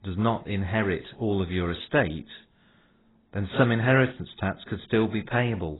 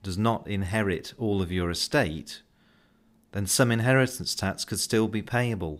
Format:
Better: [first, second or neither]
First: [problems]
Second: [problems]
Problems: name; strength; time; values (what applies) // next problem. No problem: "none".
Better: second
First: garbled, watery; badly; nothing above 4 kHz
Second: none